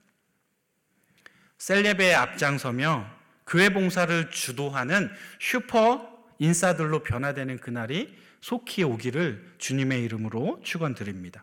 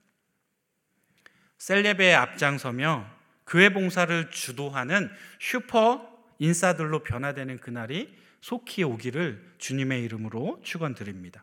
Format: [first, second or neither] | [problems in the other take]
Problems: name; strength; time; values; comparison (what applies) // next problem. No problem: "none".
second | distortion; slight; 10 dB below the speech